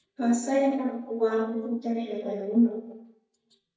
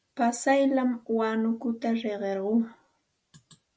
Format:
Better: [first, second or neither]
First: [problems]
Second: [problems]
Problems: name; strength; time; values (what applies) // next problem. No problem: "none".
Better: second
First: noise reduction (neural mask model DeepFilterNet 3)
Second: none